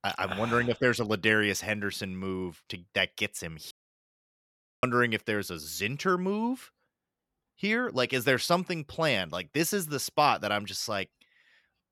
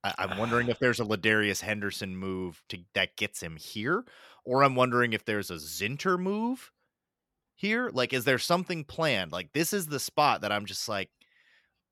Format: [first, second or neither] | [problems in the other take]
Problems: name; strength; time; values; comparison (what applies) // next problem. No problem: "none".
second | audio cutting out; at 3.5 s for 1 s